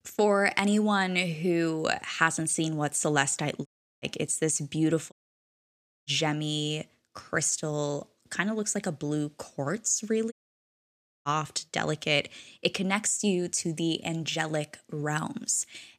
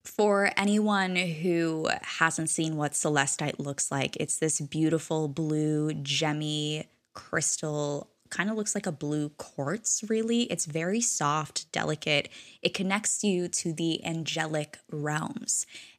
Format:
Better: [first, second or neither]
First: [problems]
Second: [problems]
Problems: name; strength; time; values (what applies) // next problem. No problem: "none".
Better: second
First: audio cutting out; at 3.5 s, at 5 s for 1 s and at 10 s for 1 s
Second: none